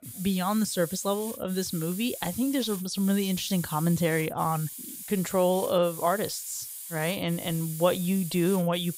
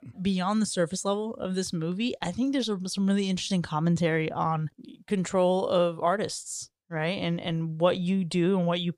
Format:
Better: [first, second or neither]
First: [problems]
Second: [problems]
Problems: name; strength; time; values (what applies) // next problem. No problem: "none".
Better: second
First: hiss; loud; throughout; 10 dB below the speech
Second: none